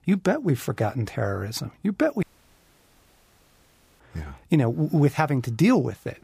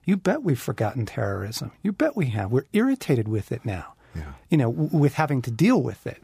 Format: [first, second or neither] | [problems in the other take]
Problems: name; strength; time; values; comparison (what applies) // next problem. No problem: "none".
second | audio cutting out; at 2 s for 2 s